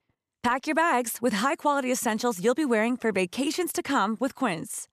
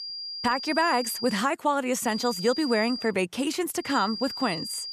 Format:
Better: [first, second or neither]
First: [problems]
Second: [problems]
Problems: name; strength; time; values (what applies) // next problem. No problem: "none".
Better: first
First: none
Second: high-pitched whine; loud; until 1.5 s, at 2 s and from 4 s on; 5 kHz, 8 dB below the speech